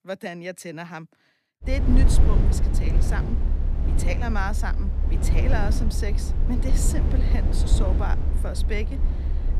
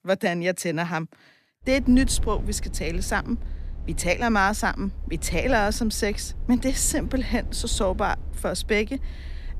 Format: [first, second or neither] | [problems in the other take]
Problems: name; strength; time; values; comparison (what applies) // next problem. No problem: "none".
second | low rumble; loud; from 1.5 s on; 4 dB below the speech; faint in the second